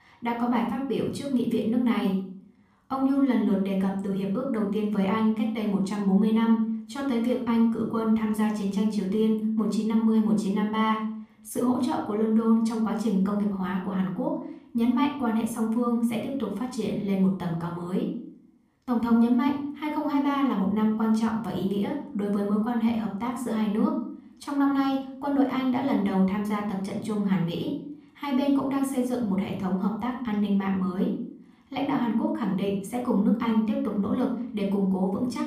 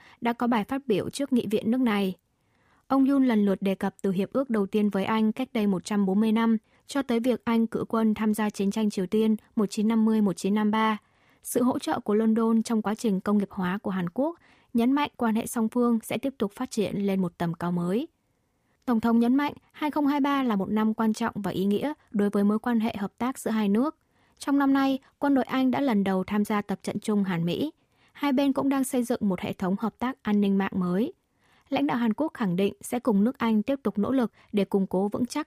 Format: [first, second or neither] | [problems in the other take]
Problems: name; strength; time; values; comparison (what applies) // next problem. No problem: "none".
second | off-mic speech; somewhat distant // room echo; noticeable; dies away in 0.5 s